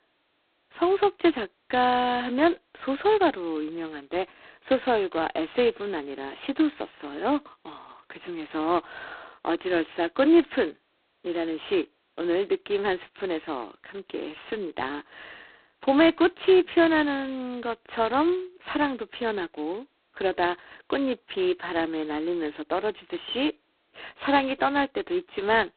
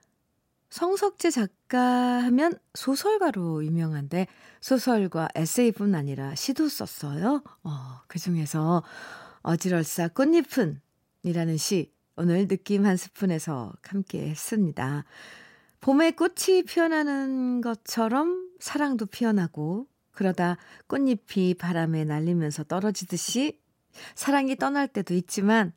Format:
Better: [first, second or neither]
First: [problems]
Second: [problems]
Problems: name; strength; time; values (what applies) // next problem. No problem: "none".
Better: second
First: phone-call audio; poor line; nothing above 4 kHz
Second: none